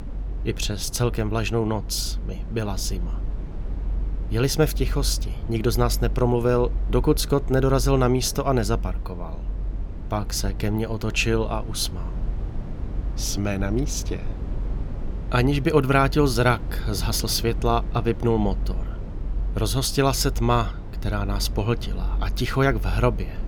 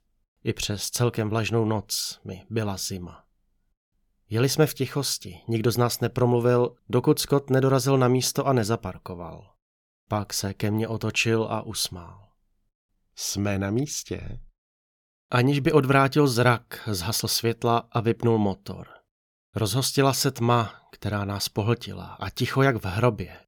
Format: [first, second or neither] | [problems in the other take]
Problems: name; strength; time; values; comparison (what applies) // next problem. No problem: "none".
second | low rumble; noticeable; throughout; 20 dB below the speech